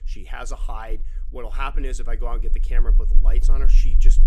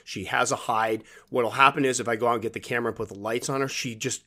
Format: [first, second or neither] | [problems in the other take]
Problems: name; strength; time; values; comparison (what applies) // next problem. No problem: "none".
second | low rumble; noticeable; throughout; 15 dB below the speech